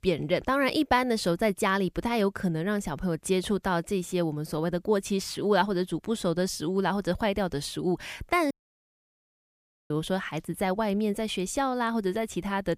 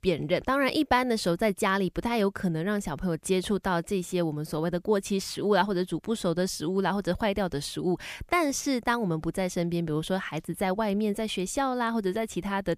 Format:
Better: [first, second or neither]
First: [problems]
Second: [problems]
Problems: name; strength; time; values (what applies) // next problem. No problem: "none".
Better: second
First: audio cutting out; at 8.5 s for 1.5 s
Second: none